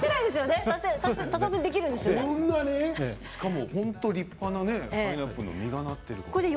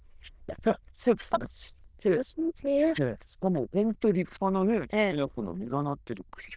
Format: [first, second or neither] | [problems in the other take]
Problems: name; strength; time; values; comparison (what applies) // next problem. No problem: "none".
first | noise reduction (neural diffusion model UNIVERSE++)